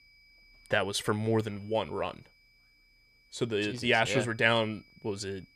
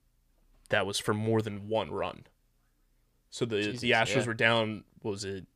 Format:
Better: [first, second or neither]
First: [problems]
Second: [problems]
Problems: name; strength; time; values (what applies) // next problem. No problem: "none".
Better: second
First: high-pitched whine; faint; throughout; 2.5 kHz, 30 dB below the speech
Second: none